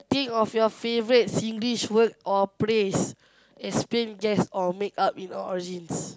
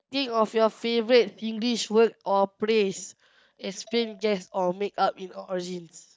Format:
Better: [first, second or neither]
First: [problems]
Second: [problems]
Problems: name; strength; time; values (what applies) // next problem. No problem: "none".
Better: first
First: none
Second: noise reduction (neural mask model DeepFilterNet 3)